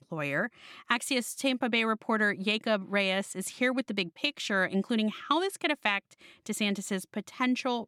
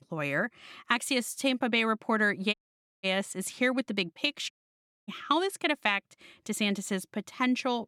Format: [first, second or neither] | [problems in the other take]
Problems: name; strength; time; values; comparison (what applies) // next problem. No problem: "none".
first | audio cutting out; at 2.5 s and at 4.5 s for 0.5 s